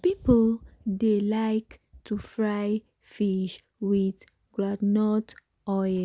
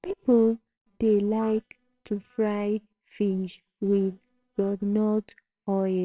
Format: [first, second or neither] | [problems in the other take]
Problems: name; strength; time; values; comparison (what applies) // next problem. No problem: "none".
first | noise reduction (neural separator model SepFormer WHAMR!)